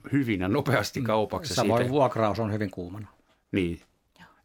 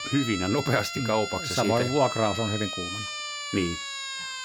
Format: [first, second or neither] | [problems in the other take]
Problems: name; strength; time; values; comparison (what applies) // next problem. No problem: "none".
first | siren; noticeable; peak 4 dB below the speech